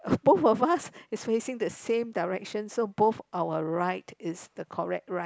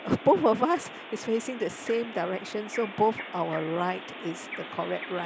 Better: first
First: none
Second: background sound (Bird vocalization, bird call, bird song); 12 dB below the speech

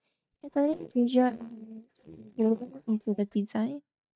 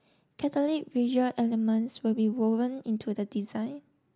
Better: second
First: noise reduction (neural mask model DeepFilterNet 3)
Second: none

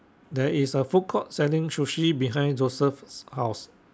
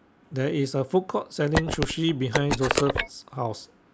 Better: first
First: none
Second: background sound (Telephone); as loud as the speech

